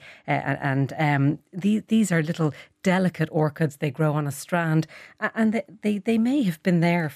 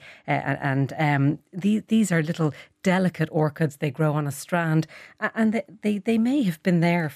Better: neither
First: none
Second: none

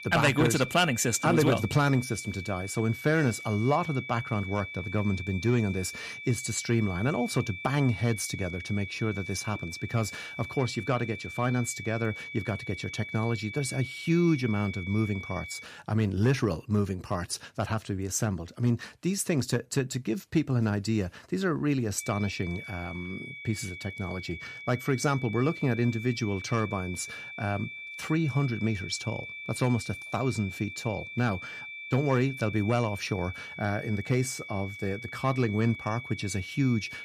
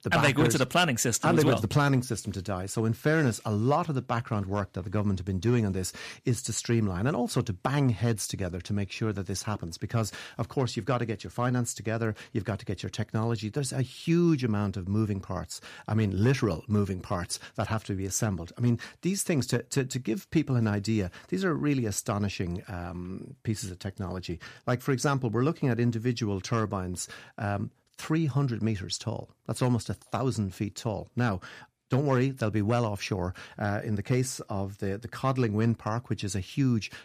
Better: second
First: high-pitched whine; loud; until 16 s and from 22 s on; 2.5 kHz, 10 dB below the speech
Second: none

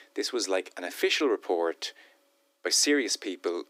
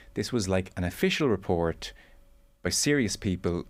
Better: second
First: thin; very slightly; fading below 300 Hz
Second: none

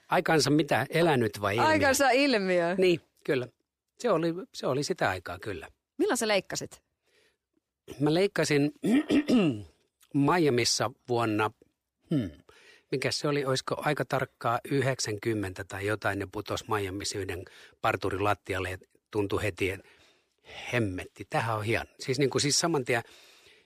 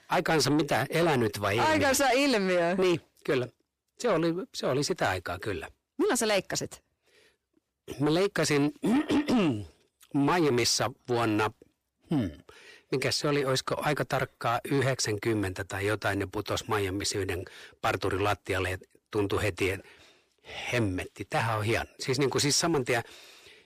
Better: first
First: none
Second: distortion; slight; 10 dB below the speech

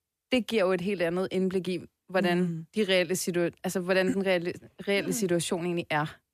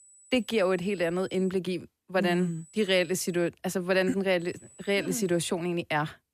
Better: first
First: none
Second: high-pitched whine; faint; until 1.5 s, from 2.5 to 3.5 s and from 4.5 to 5.5 s; 8 kHz, 25 dB below the speech

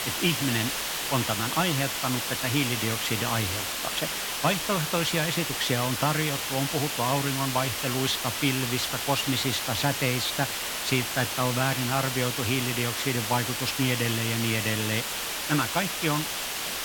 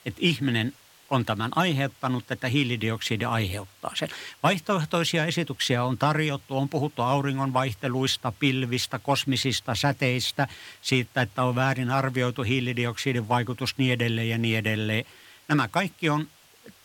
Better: second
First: hiss; loud; throughout; 1 dB below the speech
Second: hiss; faint; throughout; 30 dB below the speech

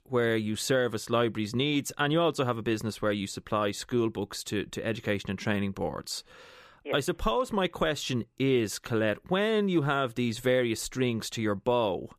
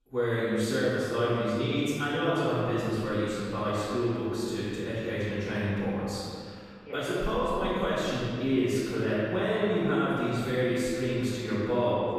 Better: first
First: none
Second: off-mic speech; far // room echo; strong; dies away in 2 s

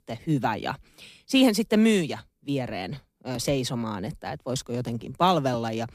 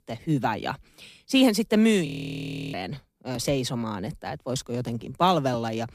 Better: first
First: none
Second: audio freezing; at 2 s for 0.5 s

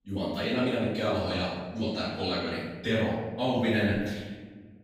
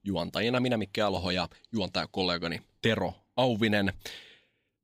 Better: second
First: off-mic speech; far // room echo; strong; dies away in 1.1 s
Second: none

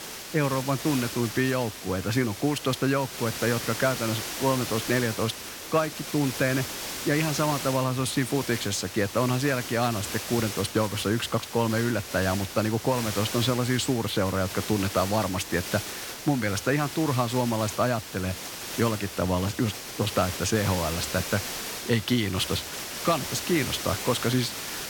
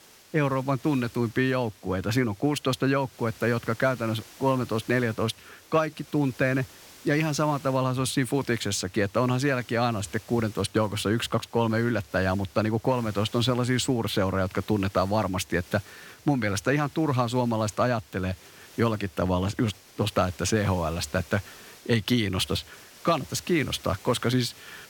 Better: second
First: hiss; loud; throughout; 7 dB below the speech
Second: hiss; faint; throughout; 20 dB below the speech

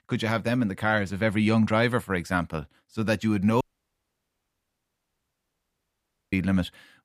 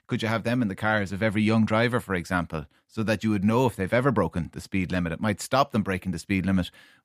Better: second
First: audio cutting out; at 3.5 s for 2.5 s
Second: none

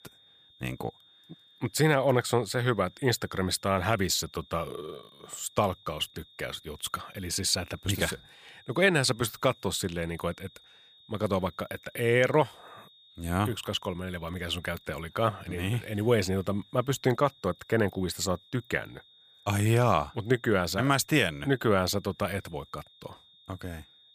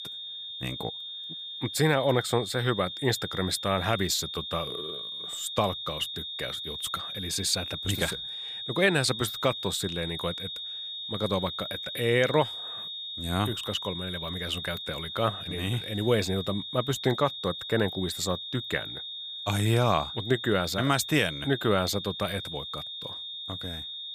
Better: first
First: high-pitched whine; faint; throughout; 3.5 kHz, 25 dB below the speech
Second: high-pitched whine; loud; throughout; 3.5 kHz, 6 dB below the speech

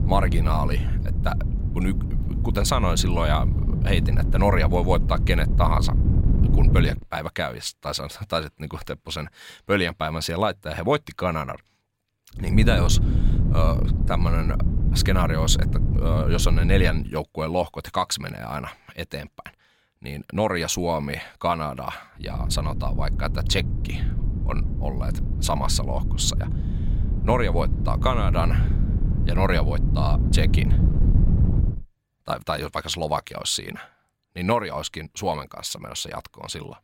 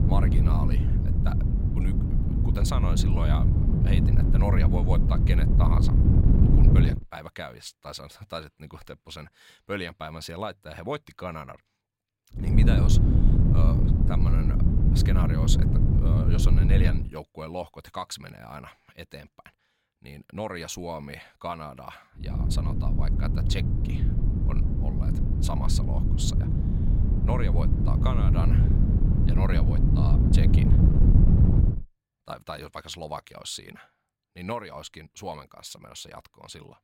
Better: first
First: wind noise on the microphone; occasional gusts; until 7 s, from 12 to 17 s and from 22 to 32 s; 10 dB below the speech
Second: wind noise on the microphone; heavy; until 7 s, from 12 to 17 s and from 22 to 32 s; 1 dB above the speech

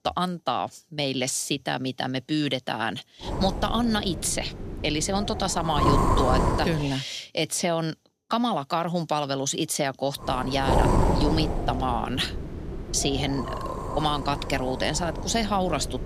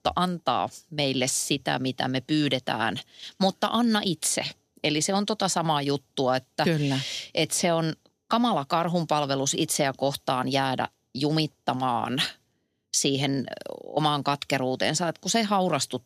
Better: second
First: wind noise on the microphone; heavy; from 3.5 to 7 s and from 10 s on; 2 dB below the speech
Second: none

